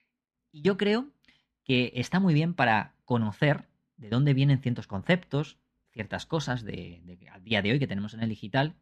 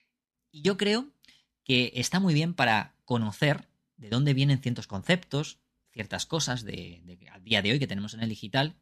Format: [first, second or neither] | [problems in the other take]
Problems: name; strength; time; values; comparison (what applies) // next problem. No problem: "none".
second | muffled; slightly; fading above 3.5 kHz